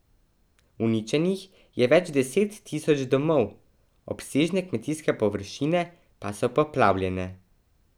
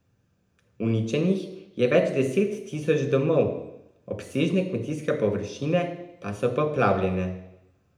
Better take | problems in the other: first | room echo; dies away in 0.7 s

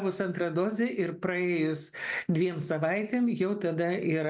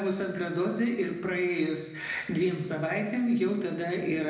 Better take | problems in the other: first | room echo; dies away in 0.9 s

